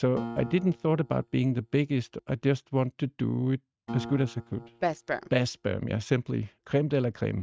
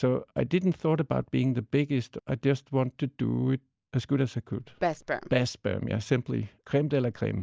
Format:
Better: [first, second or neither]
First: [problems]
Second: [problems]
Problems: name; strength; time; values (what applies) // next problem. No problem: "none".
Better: second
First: noise reduction (neural mask model RNNoise)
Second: none